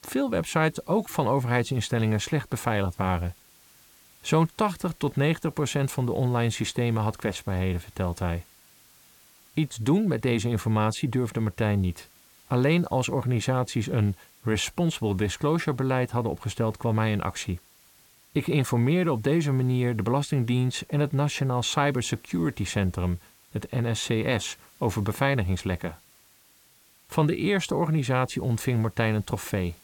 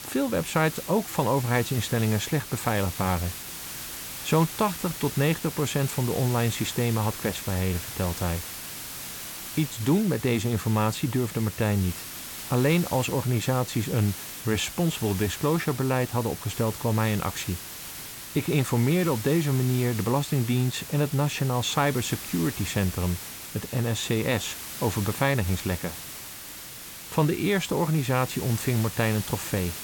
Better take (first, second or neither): first